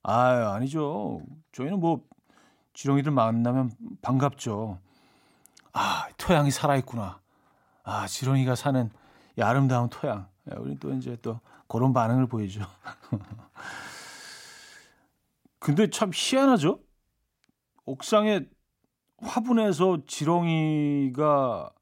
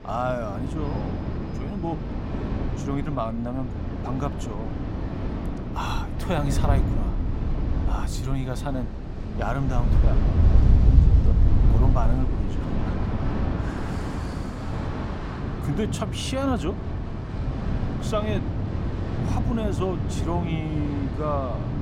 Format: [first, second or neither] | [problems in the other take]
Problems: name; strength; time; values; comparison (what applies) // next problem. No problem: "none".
first | wind in the background; very loud; throughout; 4 dB above the speech